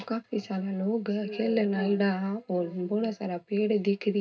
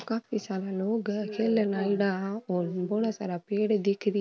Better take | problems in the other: second | room echo; dies away in 0.2 s

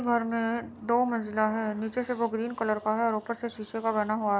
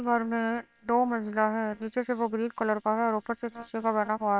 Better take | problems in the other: first | noise reduction (neural separator model SepFormer WHAM!)

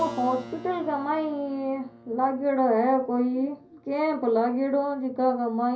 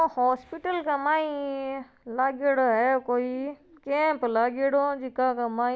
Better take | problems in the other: second | background sound (Keyboard (musical)); 19 dB below the speech // room echo; dies away in 0.5 s

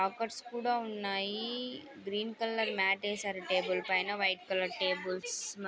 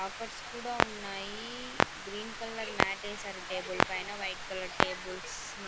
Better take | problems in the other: first | background sound (Clock); 5 dB above the speech

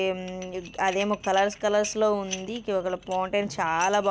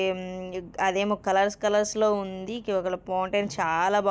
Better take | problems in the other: second | background sound (Dishes, pots, and pans); 16 dB below the speech

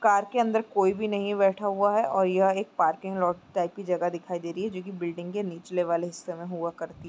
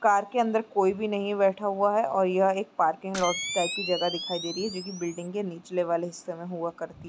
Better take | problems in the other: first | background sound (Camera); 10 dB below the speech

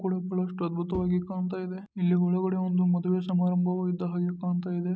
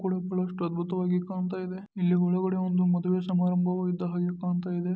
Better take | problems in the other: second | noise reduction (neural mask model RNNoise)

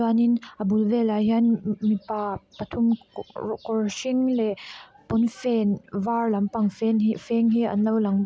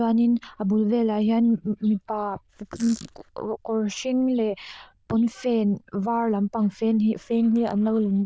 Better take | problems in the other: first | noise reduction (neural diffusion model UNIVERSE++)

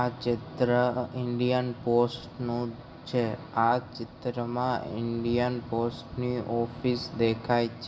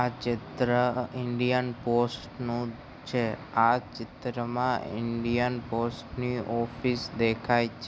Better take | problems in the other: second | room echo; dies away in 0.5 s

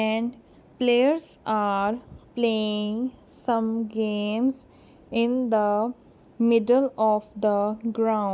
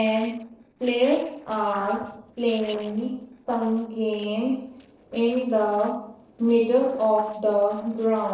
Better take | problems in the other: first | noise reduction (neural separator model SepFormer DNS4)

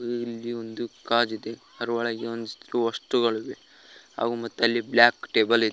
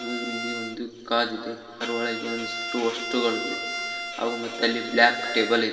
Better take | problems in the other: first | background sound (Bowed string instrument); 7 dB below the speech // room echo; dies away in 2 s

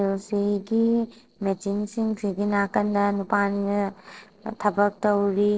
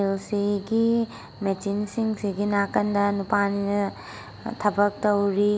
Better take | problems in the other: second | noise reduction (neural separator model SepFormer DNS4)

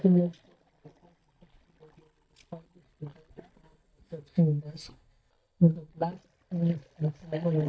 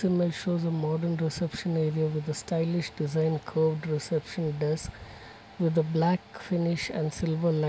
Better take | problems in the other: second | noise reduction (neural mask model DeepFilterNet 3)

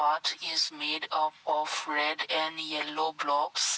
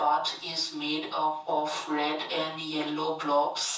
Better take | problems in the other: first | room echo; dies away in 0.6 s

